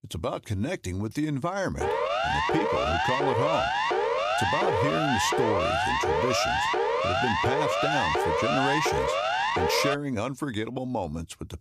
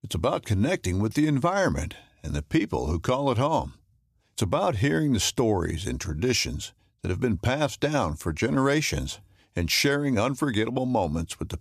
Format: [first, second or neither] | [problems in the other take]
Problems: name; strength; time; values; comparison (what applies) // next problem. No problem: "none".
second | siren; loud; from 2 to 10 s; peak 6 dB above the speech